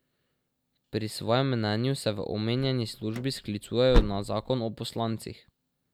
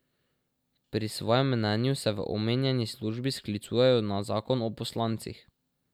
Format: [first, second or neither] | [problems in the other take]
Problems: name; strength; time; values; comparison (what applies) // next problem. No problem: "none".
second | background sound (Slam / Car); as loud as the speech